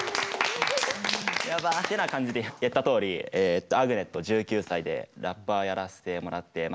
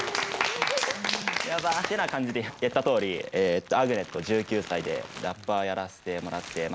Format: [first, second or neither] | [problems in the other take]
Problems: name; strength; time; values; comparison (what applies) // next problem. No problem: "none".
first | background sound (Crumpling, crinkling); 17 dB below the speech